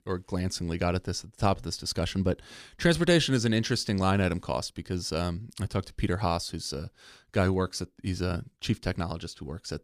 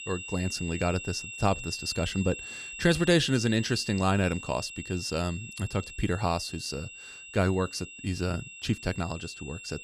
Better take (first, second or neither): first